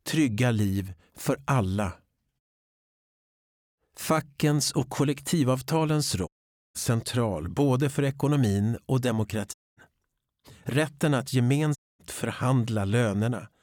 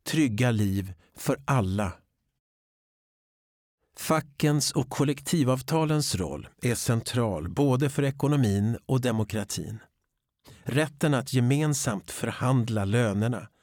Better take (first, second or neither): second